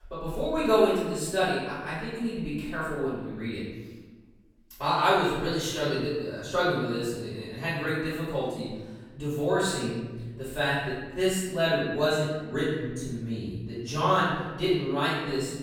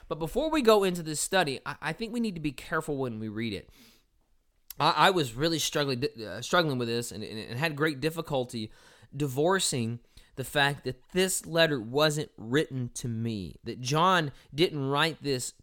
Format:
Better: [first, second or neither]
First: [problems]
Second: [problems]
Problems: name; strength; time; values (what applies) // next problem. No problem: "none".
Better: second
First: room echo; strong; dies away in 1.2 s // off-mic speech; far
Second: none